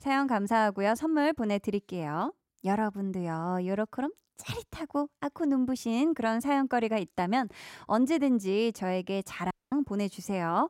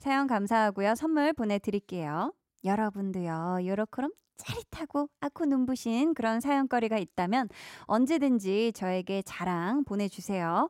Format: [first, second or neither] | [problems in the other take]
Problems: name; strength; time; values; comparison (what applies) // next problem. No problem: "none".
second | audio cutting out; at 9.5 s